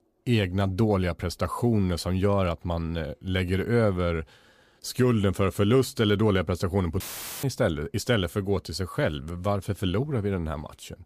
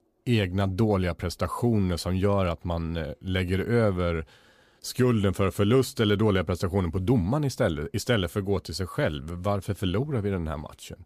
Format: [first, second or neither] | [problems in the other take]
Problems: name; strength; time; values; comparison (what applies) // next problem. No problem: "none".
second | audio cutting out; filled with static; at 7 s